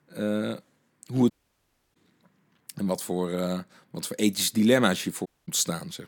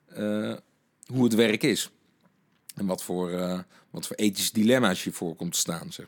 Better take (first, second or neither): second